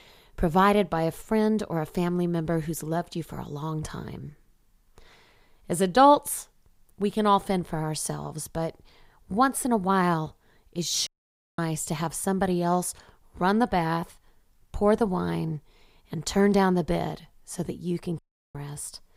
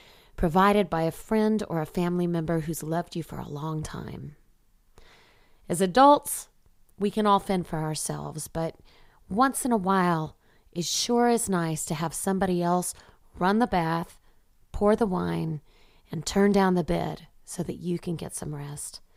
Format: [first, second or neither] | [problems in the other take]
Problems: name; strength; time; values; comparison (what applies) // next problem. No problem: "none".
second | audio cutting out; at 11 s for 0.5 s and at 18 s